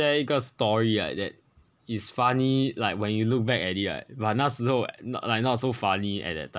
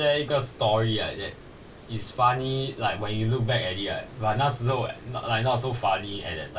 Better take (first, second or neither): first